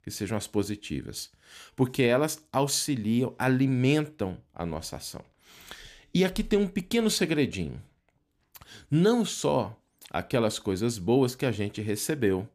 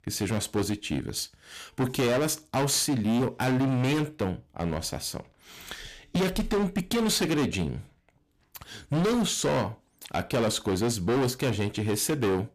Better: first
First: none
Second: distortion; heavy; 17% of the sound clipped

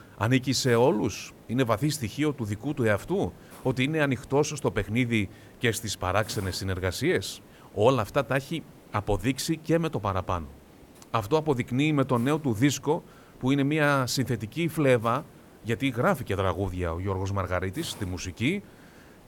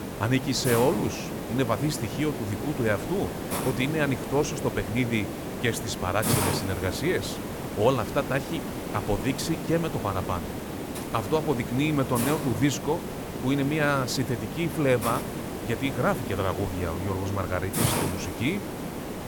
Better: first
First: hiss; faint; throughout; 25 dB below the speech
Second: hiss; loud; throughout; 4 dB below the speech

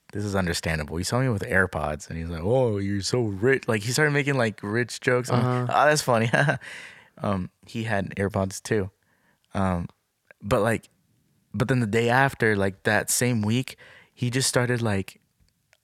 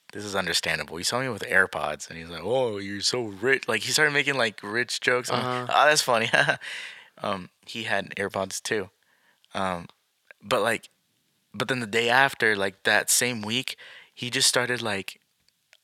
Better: first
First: none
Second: thin; somewhat; fading below 600 Hz

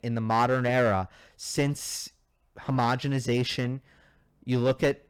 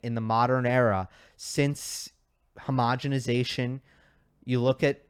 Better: second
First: distortion; slight; 4% of the sound clipped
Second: none

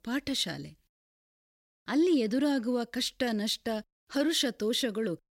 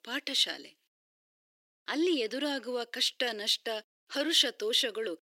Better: first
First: none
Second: thin; somewhat; fading below 350 Hz

